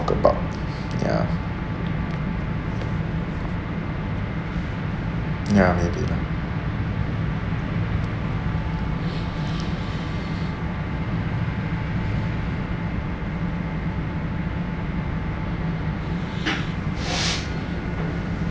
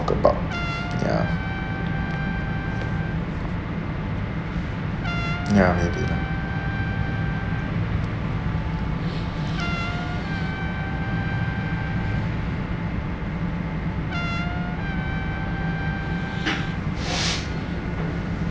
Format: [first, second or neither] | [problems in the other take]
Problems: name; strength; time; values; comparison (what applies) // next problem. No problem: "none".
first | background sound (Trumpet); 12 dB below the speech